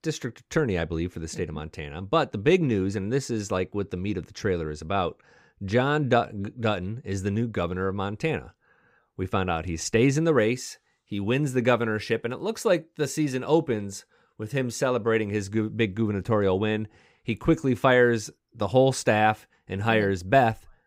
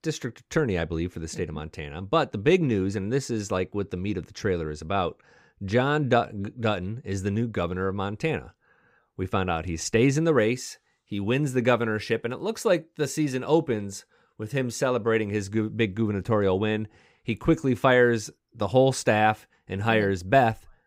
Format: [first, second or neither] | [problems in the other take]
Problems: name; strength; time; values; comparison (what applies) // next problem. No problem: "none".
neither | none